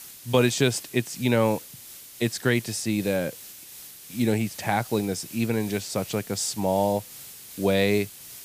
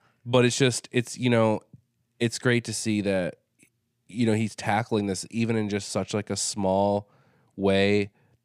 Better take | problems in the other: second | hiss; noticeable; throughout; 15 dB below the speech

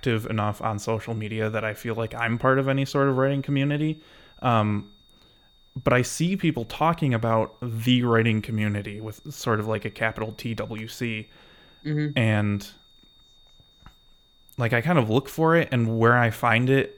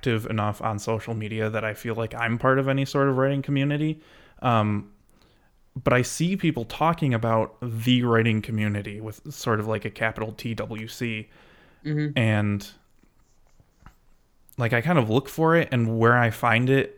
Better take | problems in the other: second | high-pitched whine; faint; throughout; 3.5 kHz, 30 dB below the speech

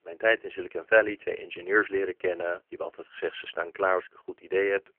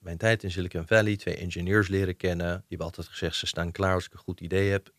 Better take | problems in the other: second | phone-call audio; poor line; nothing above 3 kHz

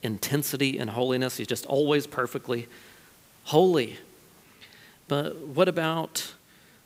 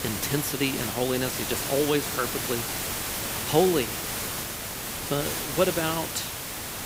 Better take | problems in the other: first | hiss; loud; throughout; 2 dB below the speech; faint in the first

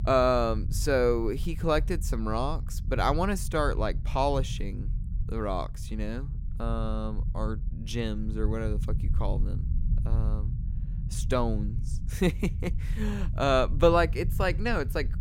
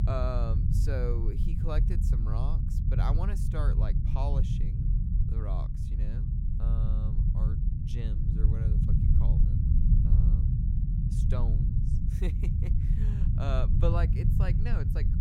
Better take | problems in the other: first | low rumble; loud; throughout; 2 dB below the speech; faint in the first

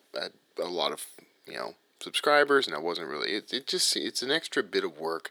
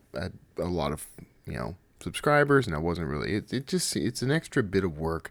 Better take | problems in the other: second | thin; somewhat; fading below 350 Hz

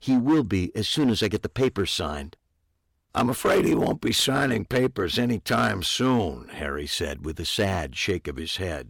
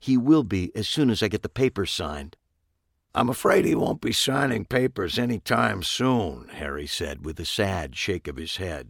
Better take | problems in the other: second | distortion; slight; 5% of the sound clipped

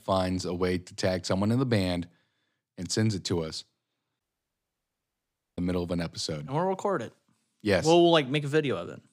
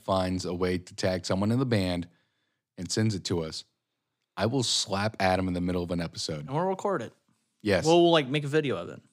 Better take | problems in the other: second | audio cutting out; at 4 s for 1.5 s

